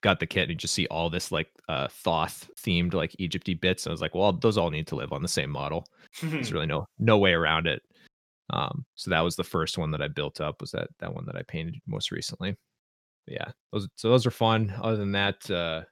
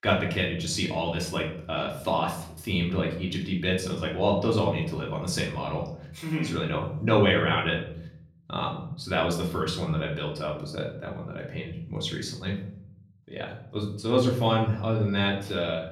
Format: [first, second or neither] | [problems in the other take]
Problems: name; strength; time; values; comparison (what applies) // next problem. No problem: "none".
first | room echo; slight; dies away in 0.7 s // off-mic speech; far